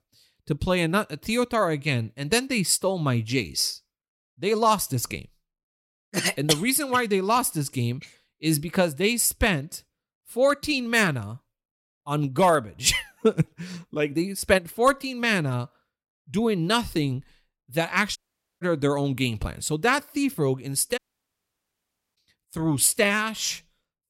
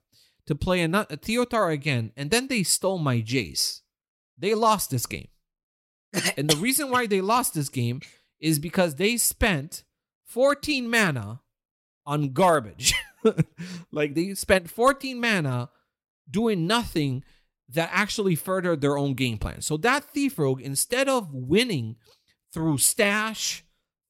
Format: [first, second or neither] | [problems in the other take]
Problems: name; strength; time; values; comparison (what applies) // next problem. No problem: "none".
second | audio cutting out; at 18 s and at 21 s for 1 s